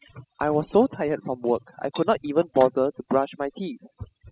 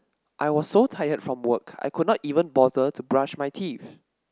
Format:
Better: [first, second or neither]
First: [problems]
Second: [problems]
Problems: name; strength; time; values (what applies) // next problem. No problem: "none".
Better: second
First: noise reduction (classical method spectral subtraction)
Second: none